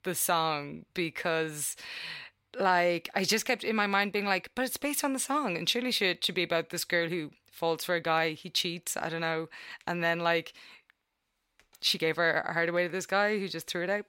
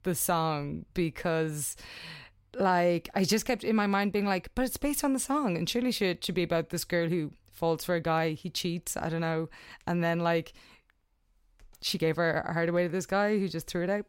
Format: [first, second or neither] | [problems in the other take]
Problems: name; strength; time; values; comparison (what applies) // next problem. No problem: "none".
second | thin; very slightly; fading below 750 Hz